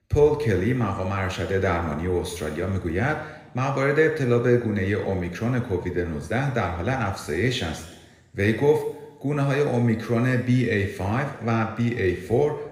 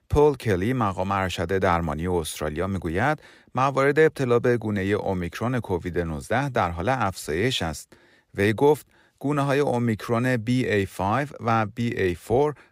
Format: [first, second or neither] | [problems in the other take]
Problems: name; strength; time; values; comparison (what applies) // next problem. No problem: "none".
second | room echo; noticeable; dies away in 1 s // off-mic speech; somewhat distant